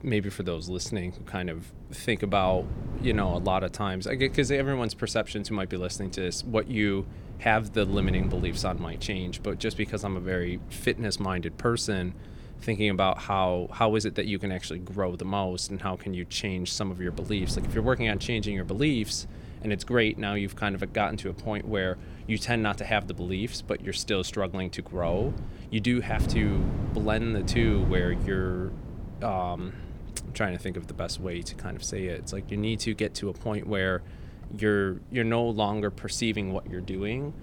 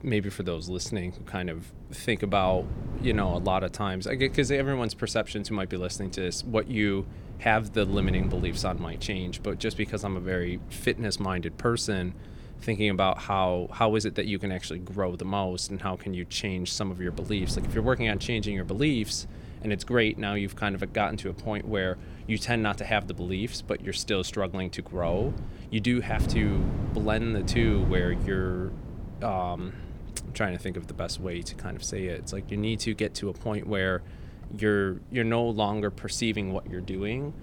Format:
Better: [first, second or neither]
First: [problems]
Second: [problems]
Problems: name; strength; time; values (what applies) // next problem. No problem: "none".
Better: neither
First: wind noise on the microphone; occasional gusts; 15 dB below the speech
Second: wind noise on the microphone; occasional gusts; 15 dB below the speech